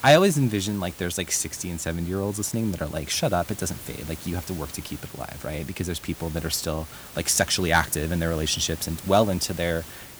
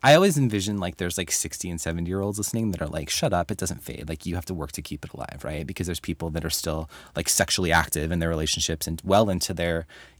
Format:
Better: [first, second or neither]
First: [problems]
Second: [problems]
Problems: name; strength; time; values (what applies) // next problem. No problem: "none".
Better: second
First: hiss; noticeable; throughout; 15 dB below the speech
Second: none